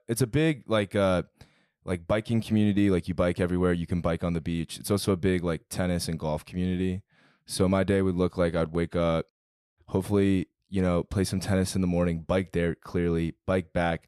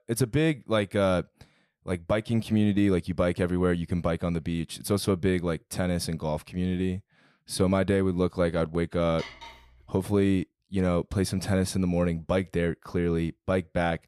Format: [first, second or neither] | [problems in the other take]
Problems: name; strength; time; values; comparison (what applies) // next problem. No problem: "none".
first | clattering dishes; faint; at 9 s; peak 15 dB below the speech